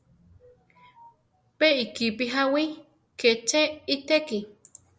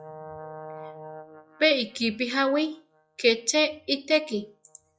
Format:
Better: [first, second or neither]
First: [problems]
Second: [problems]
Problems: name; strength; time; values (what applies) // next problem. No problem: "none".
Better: first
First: none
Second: noise reduction (classical method log-MMSE)